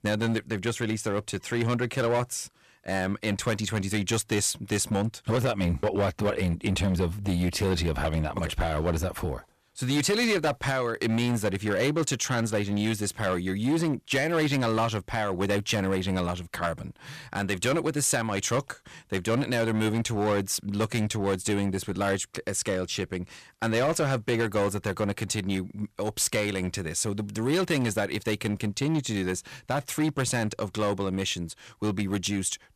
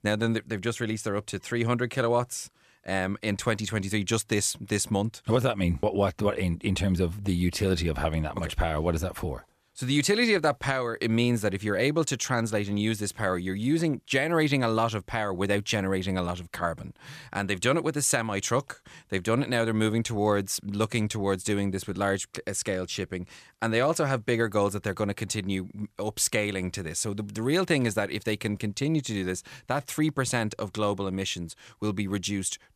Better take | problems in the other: second | distortion; slight; 8% of the sound clipped

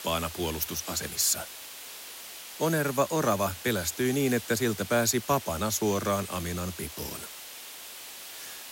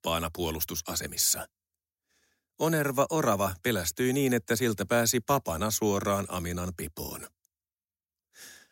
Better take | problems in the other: second | hiss; noticeable; throughout; 10 dB below the speech

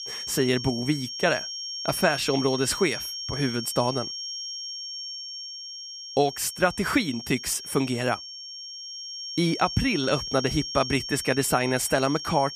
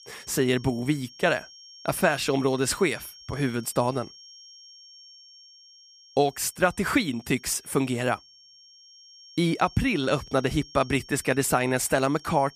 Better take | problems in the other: second | high-pitched whine; loud; throughout; 5.5 kHz, 7 dB below the speech; faint in the second

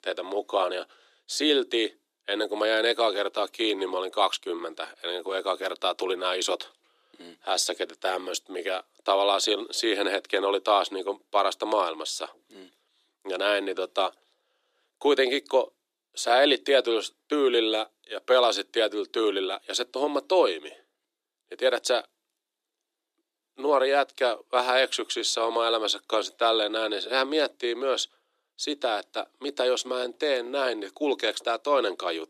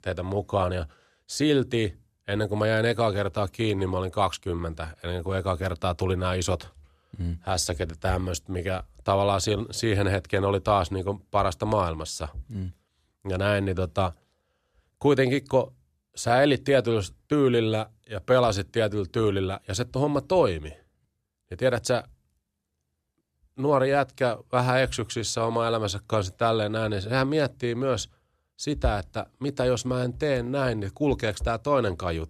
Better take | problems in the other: second | thin; somewhat; fading below 300 Hz

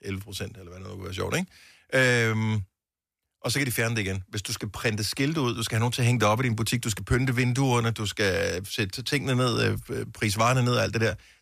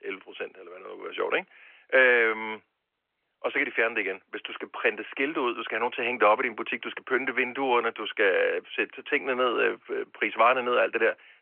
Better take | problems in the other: first | phone-call audio

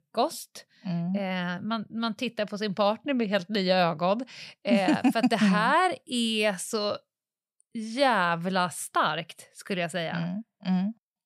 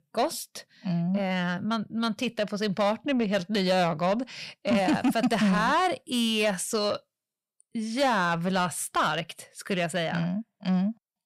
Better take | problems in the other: first | distortion; slight; 10 dB below the speech

